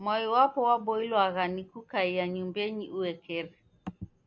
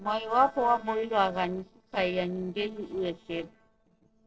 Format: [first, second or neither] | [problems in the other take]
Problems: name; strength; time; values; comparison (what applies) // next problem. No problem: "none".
first | noise reduction (neural separator model SepFormer DNS4)